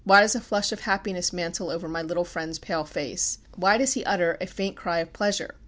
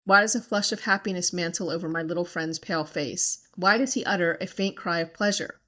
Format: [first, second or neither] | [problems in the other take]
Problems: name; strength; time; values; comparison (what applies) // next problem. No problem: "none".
first | noise reduction (neural mask model DeepFilterNet 3)